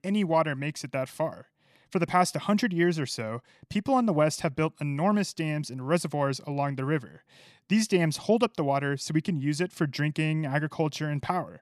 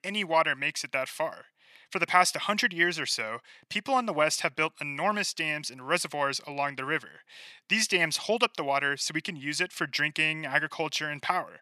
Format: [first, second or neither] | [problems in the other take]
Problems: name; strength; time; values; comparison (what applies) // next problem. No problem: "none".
first | thin; somewhat; fading below 1 kHz